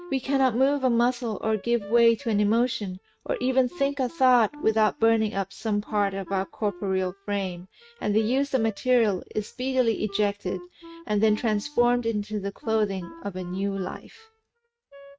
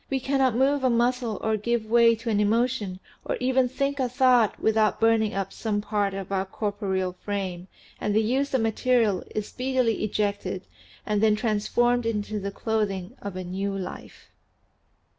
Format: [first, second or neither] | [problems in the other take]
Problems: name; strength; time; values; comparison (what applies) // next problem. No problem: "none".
second | noise reduction (neural mask model RNNoise)